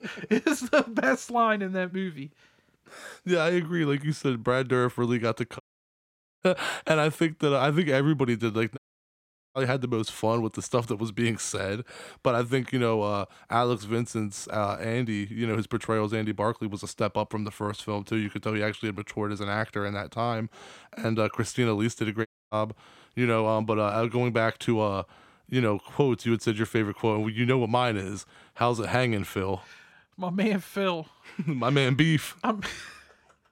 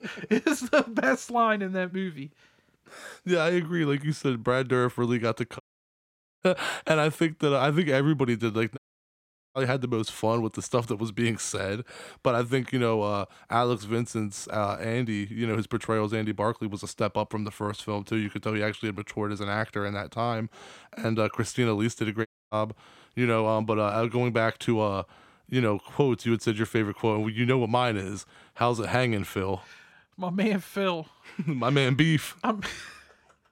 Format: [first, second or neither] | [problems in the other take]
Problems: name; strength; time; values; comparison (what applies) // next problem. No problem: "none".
neither | audio cutting out; at 5.5 s for 1 s, at 9 s for 1 s and at 22 s; the same in both